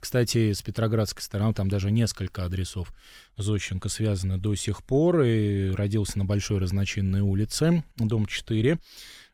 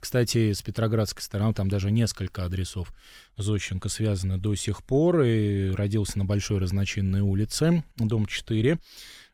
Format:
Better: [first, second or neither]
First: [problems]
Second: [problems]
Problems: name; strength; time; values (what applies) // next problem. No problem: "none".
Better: neither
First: none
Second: none